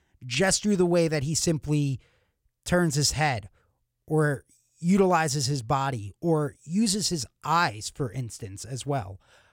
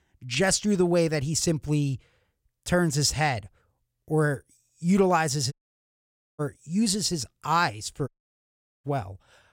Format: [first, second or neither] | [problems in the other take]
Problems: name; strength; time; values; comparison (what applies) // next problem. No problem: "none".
first | audio cutting out; at 5.5 s for 1 s and at 8 s for 1 s